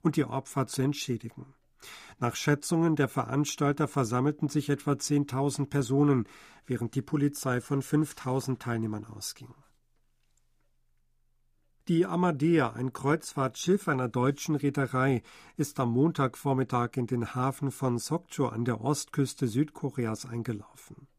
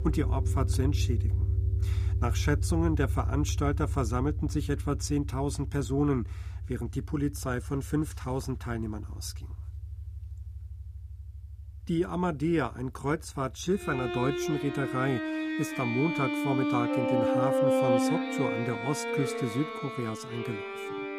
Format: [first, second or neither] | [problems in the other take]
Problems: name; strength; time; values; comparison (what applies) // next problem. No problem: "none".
first | background music; very loud; throughout; as loud as the speech